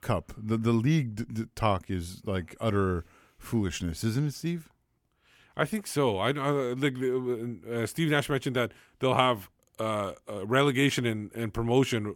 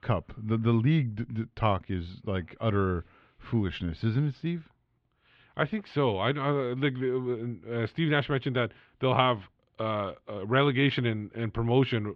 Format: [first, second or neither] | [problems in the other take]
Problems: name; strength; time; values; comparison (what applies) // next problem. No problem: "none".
first | muffled; slightly; fading above 4 kHz